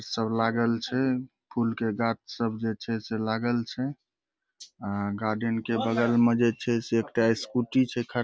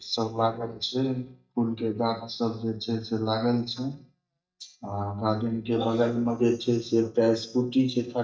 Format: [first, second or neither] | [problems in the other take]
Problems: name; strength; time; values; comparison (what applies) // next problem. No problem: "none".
first | noise reduction (neural mask model DeepFilterNet 3)